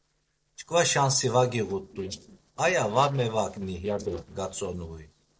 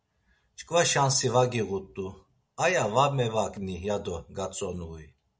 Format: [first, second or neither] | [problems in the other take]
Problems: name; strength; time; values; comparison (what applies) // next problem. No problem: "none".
second | noise reduction (neural separator model SepFormer DNS4)